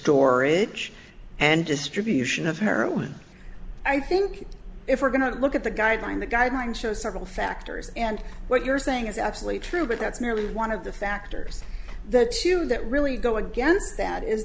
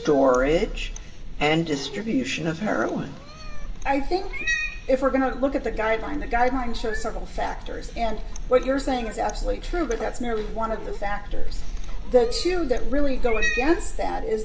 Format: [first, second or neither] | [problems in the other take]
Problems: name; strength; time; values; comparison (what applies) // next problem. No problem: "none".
first | background sound (Cat); 11 dB below the speech // room echo; dies away in 0.2 s